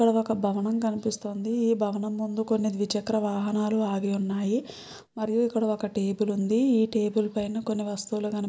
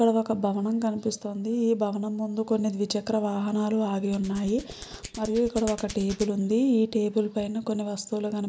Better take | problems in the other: first | background sound (Hands); 17 dB below the speech

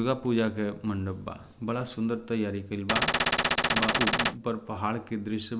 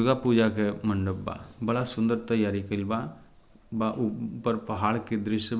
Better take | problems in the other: second | background sound (Gunshot, gunfire); 4 dB above the speech

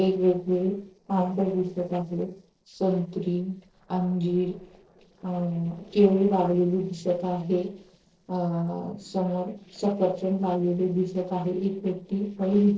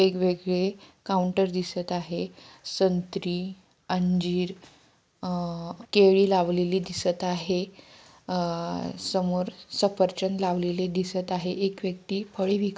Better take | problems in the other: second | noise reduction (neural separator model SepFormer DNS4)

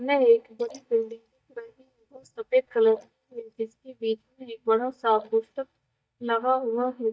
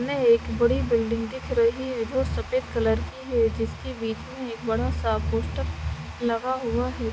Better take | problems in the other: second | noise reduction (neural mask model DeepFilterNet 3)

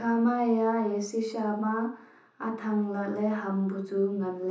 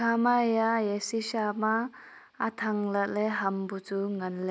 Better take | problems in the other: second | room echo; dies away in 0.7 s

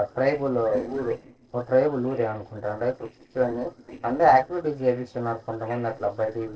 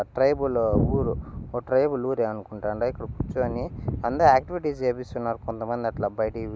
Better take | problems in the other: second | noise reduction (neural separator model SepFormer DNS4)

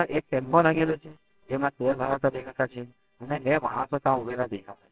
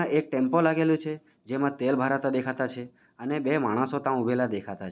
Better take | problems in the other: second | noise reduction (neural separator model SepFormer WHAMR!)

